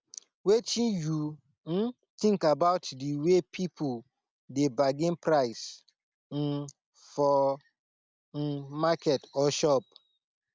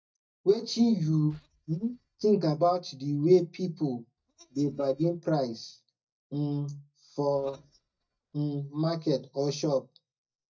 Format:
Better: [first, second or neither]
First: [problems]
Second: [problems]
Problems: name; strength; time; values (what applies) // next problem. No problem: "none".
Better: first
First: none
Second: noise reduction (neural mask model DeepFilterNet 3)